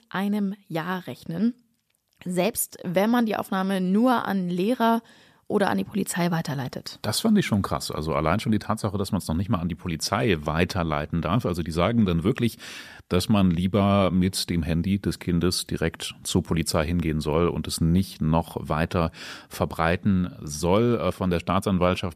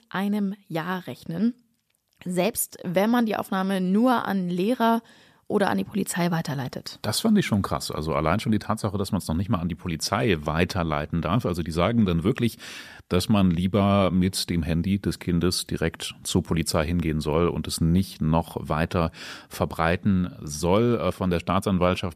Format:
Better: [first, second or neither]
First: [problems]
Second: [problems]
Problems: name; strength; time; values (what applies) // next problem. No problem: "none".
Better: neither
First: none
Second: none